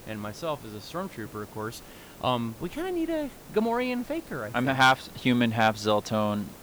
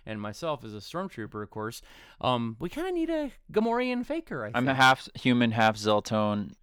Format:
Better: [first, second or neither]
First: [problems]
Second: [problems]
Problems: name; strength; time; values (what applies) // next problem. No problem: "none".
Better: second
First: hiss; noticeable; throughout; 20 dB below the speech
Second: none